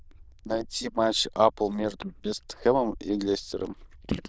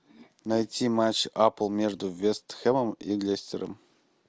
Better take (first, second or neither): second